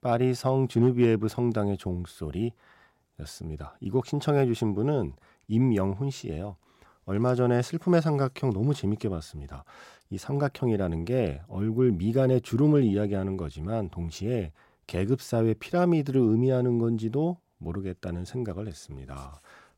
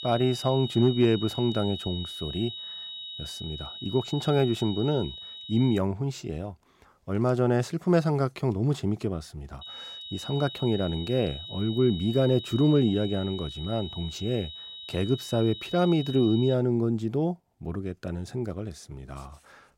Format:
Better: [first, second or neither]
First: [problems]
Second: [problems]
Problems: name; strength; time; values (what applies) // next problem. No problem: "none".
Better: first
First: none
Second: high-pitched whine; noticeable; until 6 s and from 9.5 to 17 s; 4 kHz, 10 dB below the speech